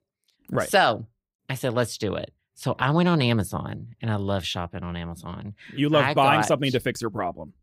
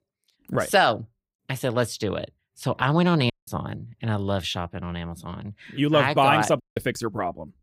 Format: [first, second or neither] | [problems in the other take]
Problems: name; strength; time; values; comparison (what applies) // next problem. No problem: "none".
first | audio cutting out; at 3.5 s and at 6.5 s